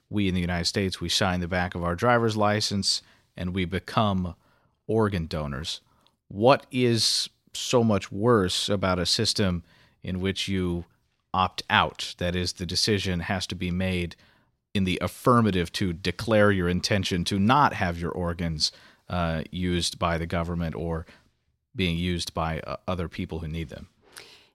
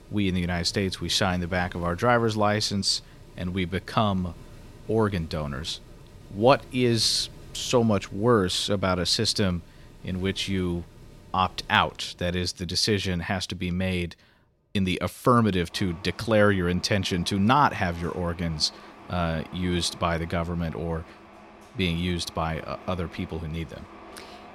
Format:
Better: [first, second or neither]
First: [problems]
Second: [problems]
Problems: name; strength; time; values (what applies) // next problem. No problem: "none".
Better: first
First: none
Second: machinery noise; faint; throughout; 20 dB below the speech